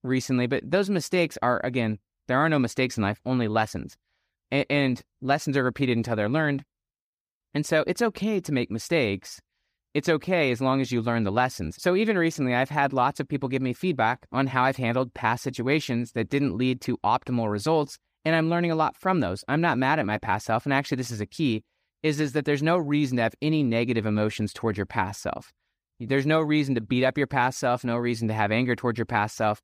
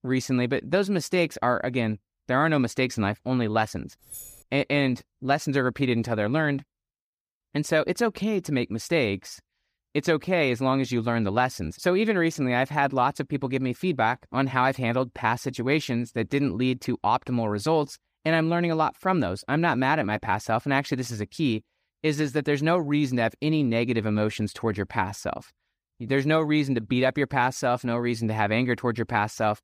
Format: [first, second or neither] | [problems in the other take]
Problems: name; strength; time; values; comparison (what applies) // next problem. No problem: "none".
first | jangling keys; faint; at 4 s; peak 15 dB below the speech